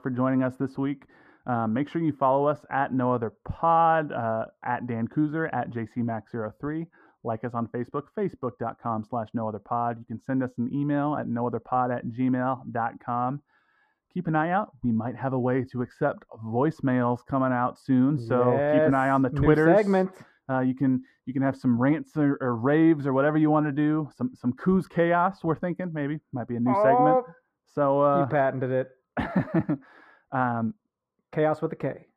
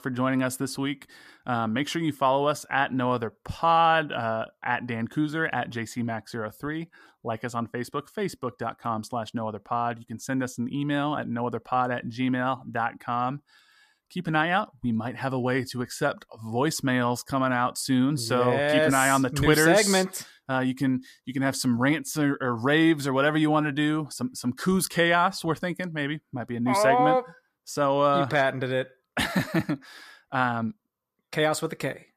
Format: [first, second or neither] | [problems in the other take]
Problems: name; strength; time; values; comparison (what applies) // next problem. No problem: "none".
second | muffled; very; fading above 2.5 kHz